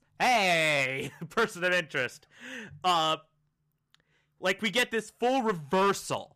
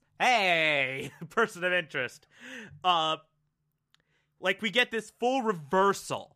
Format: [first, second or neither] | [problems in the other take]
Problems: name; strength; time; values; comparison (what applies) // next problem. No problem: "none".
second | distortion; slight; 5% of the sound clipped